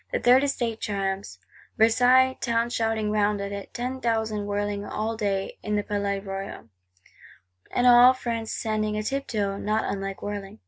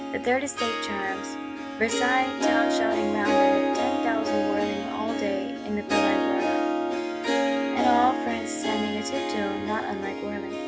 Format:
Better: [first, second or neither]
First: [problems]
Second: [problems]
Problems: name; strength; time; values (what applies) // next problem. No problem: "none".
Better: first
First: none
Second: background sound (Harp); 3 dB above the speech